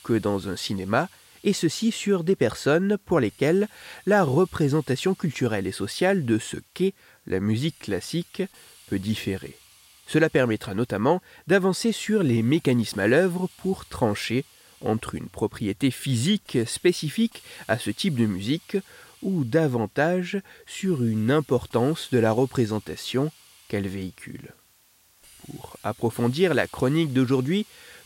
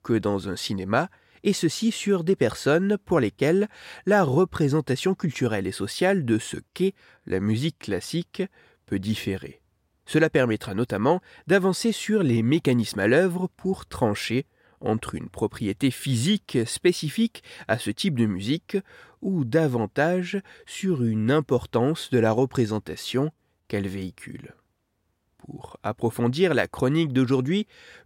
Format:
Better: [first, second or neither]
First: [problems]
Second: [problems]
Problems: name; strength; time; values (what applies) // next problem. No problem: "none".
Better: second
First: hiss; faint; throughout; 25 dB below the speech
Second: none